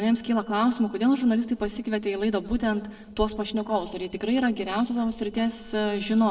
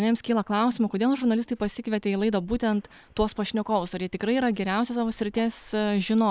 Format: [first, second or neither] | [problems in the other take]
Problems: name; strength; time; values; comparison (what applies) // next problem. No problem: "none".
second | noise reduction (neural separator model SepFormer DNS4)